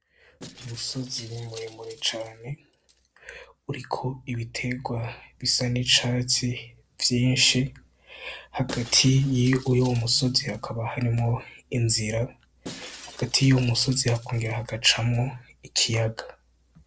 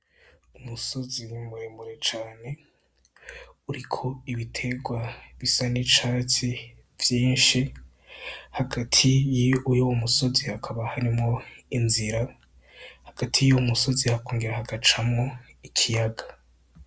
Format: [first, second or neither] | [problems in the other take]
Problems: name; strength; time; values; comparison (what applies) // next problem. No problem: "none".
second | noise reduction (neural separator model SepFormer DNS4)